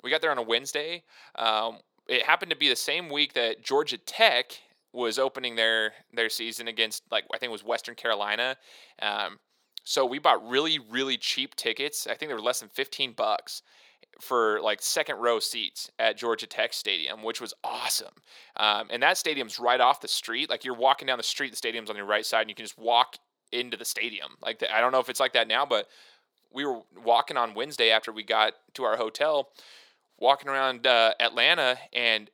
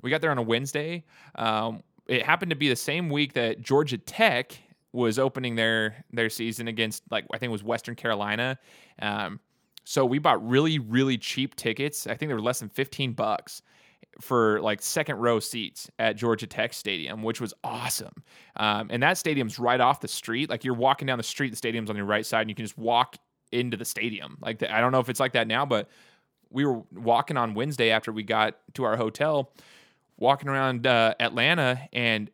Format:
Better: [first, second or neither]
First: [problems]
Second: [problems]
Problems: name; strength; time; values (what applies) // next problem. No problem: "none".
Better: second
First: thin; somewhat; fading below 500 Hz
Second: none